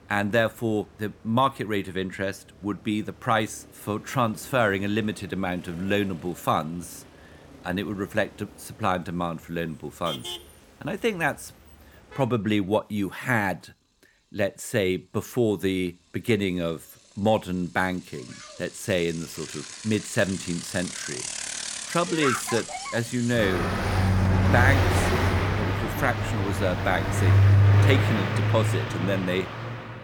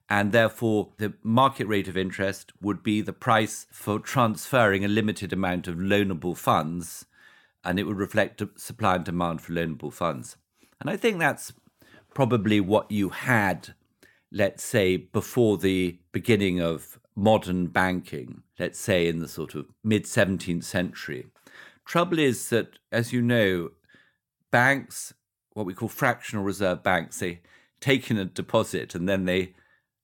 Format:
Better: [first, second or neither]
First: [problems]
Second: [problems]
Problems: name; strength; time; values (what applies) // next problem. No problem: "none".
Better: second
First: traffic noise; very loud; throughout; 2 dB above the speech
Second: none